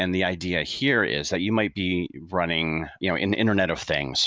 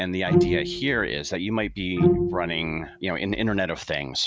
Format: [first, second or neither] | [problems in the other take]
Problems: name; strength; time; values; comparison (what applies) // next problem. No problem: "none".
first | background sound (Bowed string instrument); 1 dB above the speech